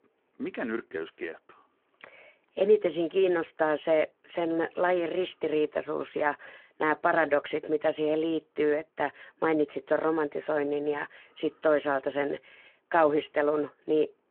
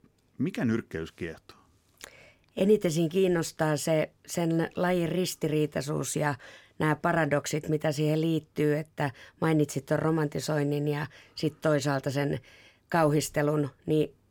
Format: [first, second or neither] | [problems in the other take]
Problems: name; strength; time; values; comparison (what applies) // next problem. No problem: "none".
second | phone-call audio